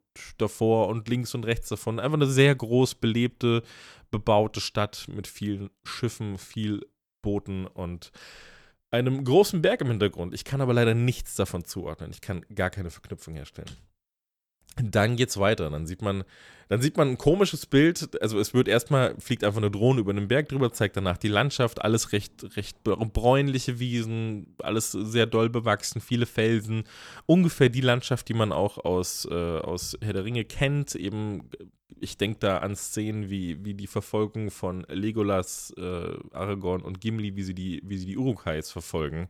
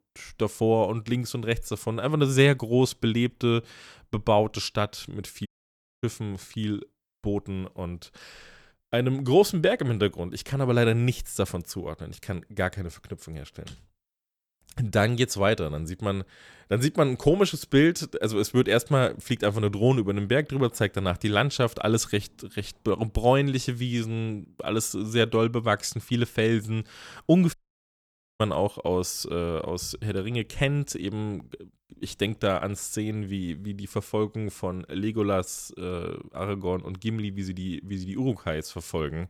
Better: first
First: none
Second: audio cutting out; at 5.5 s for 0.5 s and at 28 s for 1 s

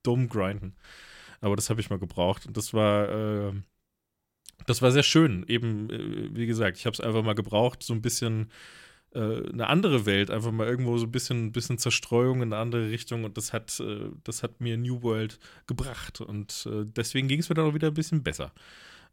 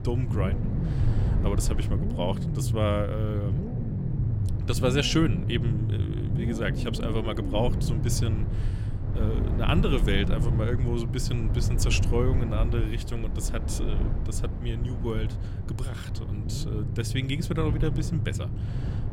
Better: first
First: none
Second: low rumble; loud; throughout; 7 dB below the speech

